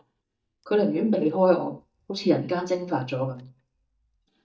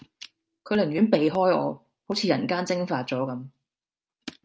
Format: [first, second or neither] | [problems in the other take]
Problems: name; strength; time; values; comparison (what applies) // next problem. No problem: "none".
second | noise reduction (neural mask model DeepFilterNet 3)